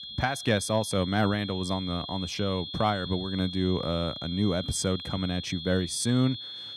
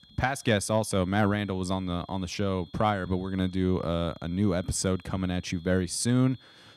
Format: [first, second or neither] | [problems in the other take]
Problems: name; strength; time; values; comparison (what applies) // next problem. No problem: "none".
second | high-pitched whine; loud; throughout; 3.5 kHz, 8 dB below the speech; faint in the second